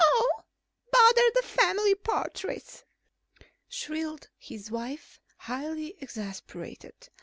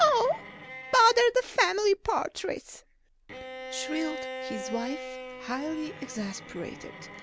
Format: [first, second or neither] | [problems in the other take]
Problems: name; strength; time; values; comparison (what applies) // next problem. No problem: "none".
first | background sound (Bowed string instrument); 13 dB below the speech